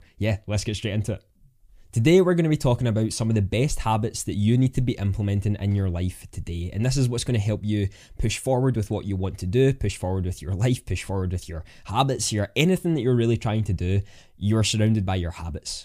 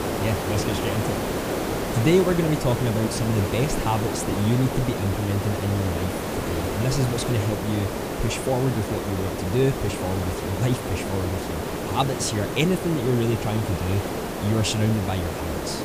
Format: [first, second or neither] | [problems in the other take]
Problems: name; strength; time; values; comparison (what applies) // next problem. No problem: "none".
first | hiss; loud; throughout; 3 dB below the speech